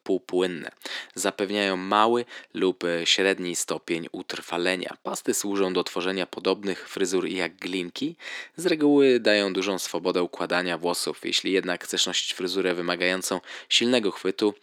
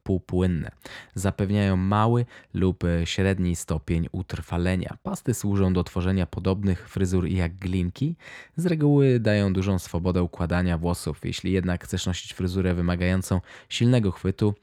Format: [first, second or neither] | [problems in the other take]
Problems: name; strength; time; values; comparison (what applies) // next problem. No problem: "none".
second | thin; somewhat; fading below 300 Hz